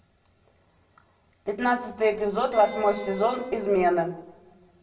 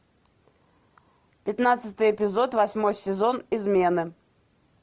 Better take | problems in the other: second | background sound (Wind instrument, woodwind instrument); 11 dB below the speech // room echo; dies away in 0.6 s

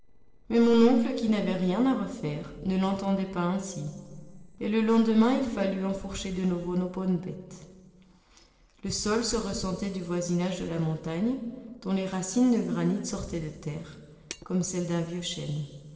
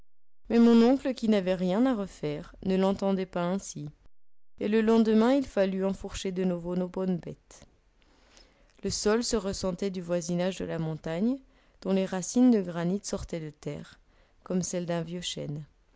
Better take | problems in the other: second | noise reduction (neural separator model SepFormer DNS4)

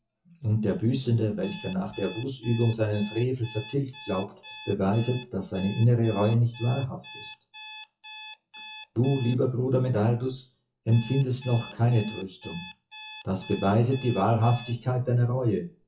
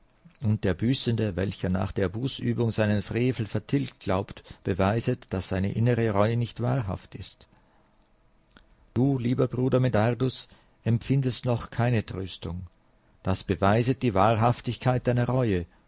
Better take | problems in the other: second | noise reduction (classical method WPE with log-MMSE)

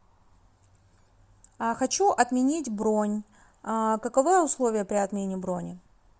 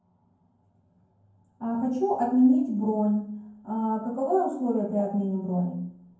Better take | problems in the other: first | room echo; dies away in 0.9 s

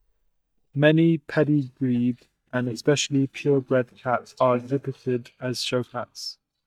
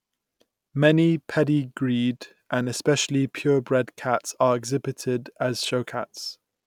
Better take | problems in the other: second | noise reduction (neural mask model DeepFilterNet 3)

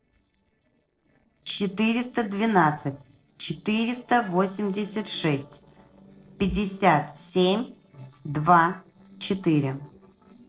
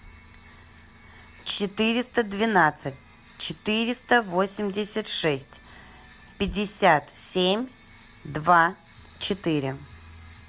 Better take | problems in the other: second | noise reduction (neural separator model SepFormer DNS4)

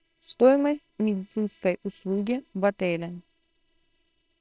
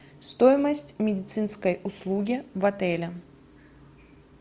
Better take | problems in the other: second | noise reduction (neural separator model SepFormer WHAM!)

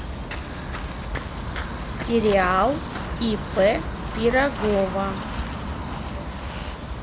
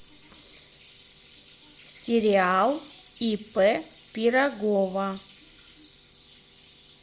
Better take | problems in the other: second | background sound (Subway, metro, underground / Train + Walk, footsteps); 4 dB below the speech

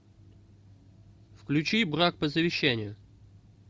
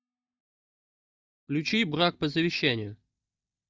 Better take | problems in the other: first | noise reduction (neural mask model DeepFilterNet 3)

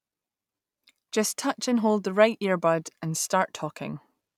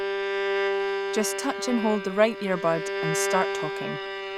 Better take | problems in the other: first | background sound (Bowed string instrument); 1 dB below the speech

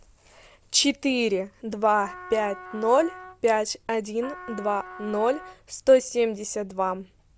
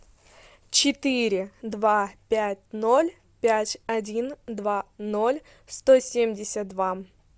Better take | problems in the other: second | background sound (Trumpet); 17 dB below the speech

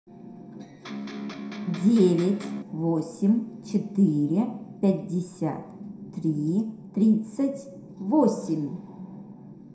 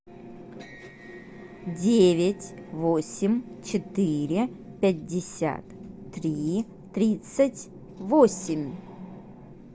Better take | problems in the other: second | background sound (Electric guitar); 9 dB below the speech // room echo; dies away in 0.6 s

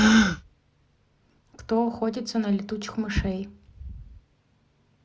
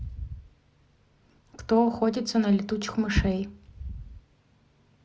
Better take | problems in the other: second | background sound (Gasp); 2 dB above the speech

